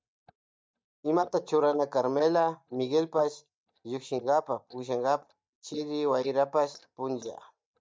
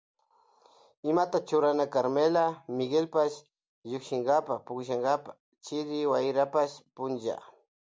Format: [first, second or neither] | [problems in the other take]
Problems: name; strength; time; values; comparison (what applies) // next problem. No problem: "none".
second | noise reduction (neural mask model DeepFilterNet 3)